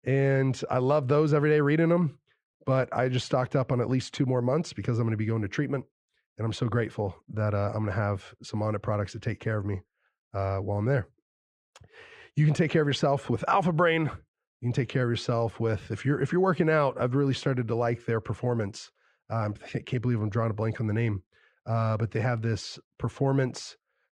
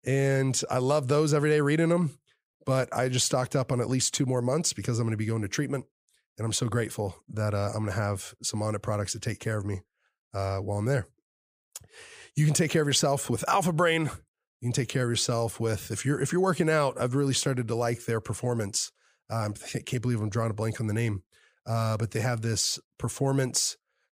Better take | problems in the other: second | muffled; slightly; fading above 2.5 kHz

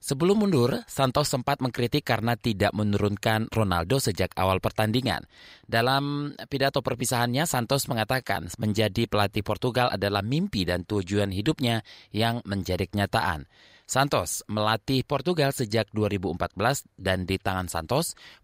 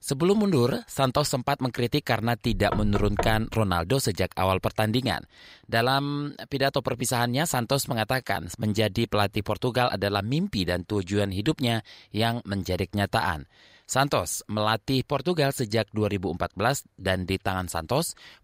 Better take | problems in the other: first | door banging; noticeable; at 2.5 s; peak 4 dB below the speech

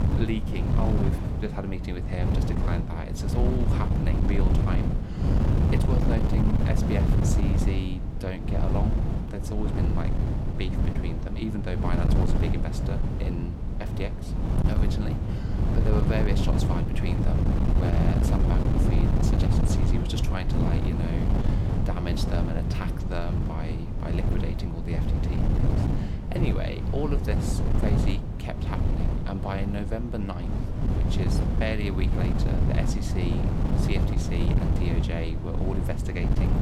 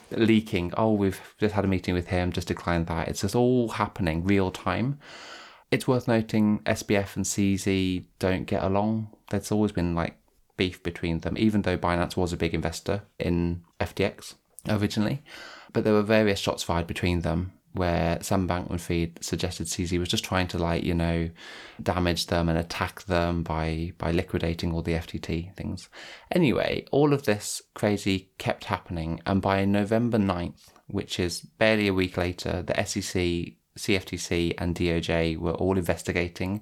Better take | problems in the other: second | wind noise on the microphone; heavy; 1 dB above the speech

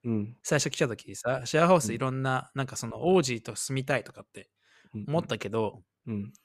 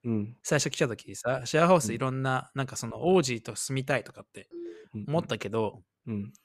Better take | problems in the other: first | phone ringing; faint; at 4.5 s; peak 15 dB below the speech

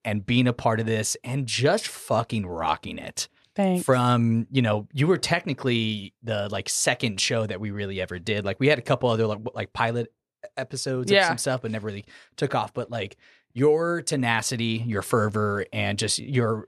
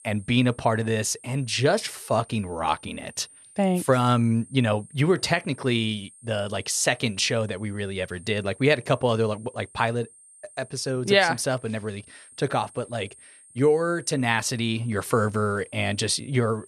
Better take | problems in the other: first | high-pitched whine; faint; throughout; 8.5 kHz, 25 dB below the speech

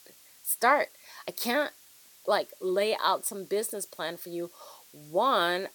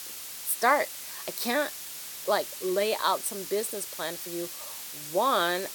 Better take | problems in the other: first | hiss; loud; throughout; 8 dB below the speech; faint in the first

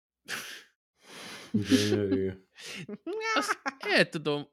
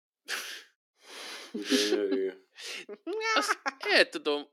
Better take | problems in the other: first | thin; very slightly; fading below 300 Hz

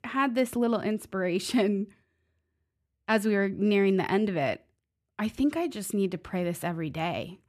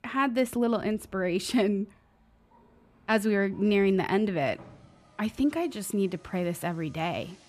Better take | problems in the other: first | traffic noise; faint; throughout; 30 dB below the speech

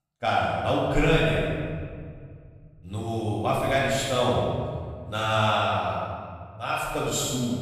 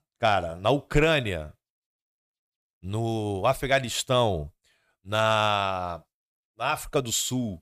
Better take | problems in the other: second | room echo; strong; dies away in 1.7 s // off-mic speech; far

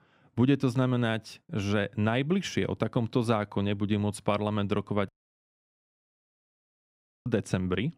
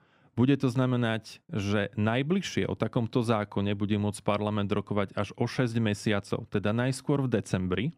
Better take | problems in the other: second | audio cutting out; at 5 s for 2 s

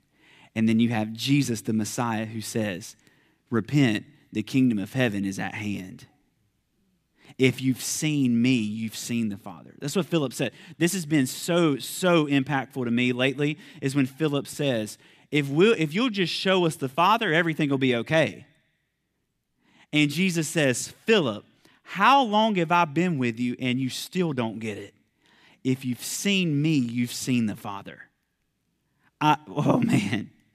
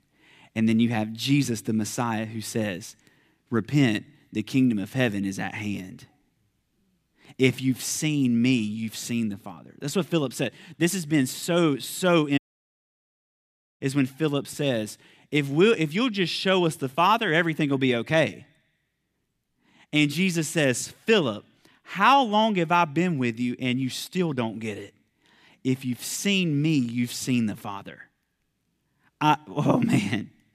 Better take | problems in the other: first | audio cutting out; at 12 s for 1.5 s

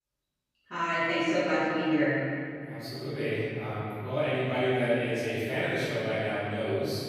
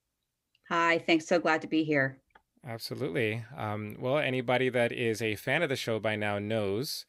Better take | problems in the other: second | off-mic speech; far // room echo; strong; dies away in 2.3 s

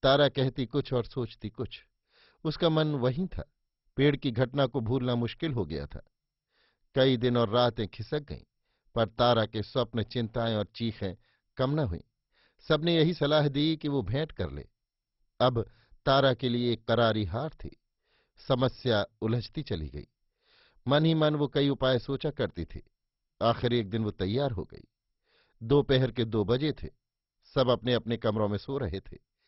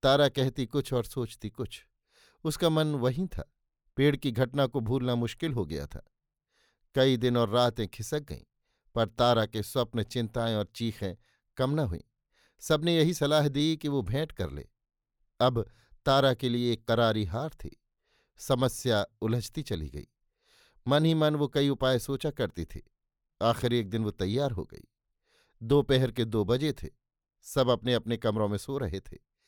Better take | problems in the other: second | garbled, watery; badly; nothing above 5.5 kHz

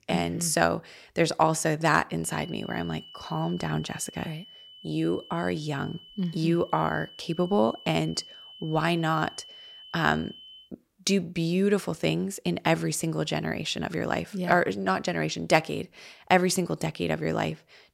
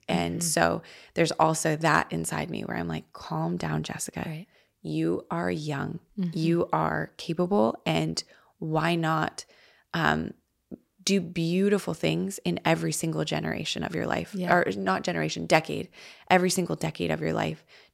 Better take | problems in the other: second | high-pitched whine; noticeable; from 2.5 to 11 s; 3 kHz, 20 dB below the speech

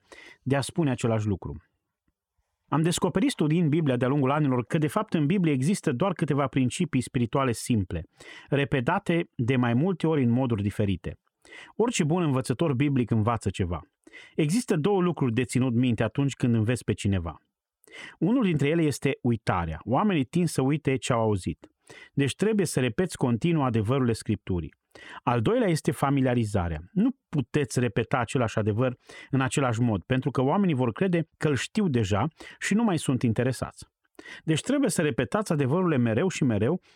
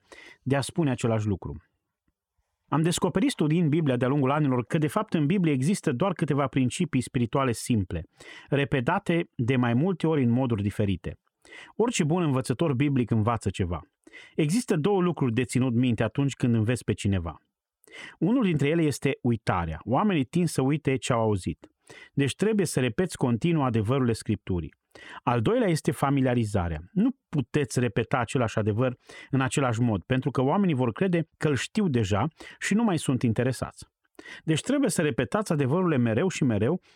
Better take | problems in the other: neither | none

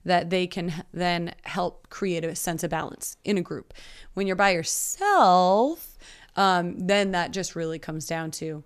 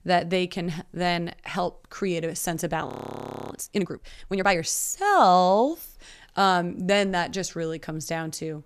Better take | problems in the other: first | audio freezing; at 3 s for 0.5 s

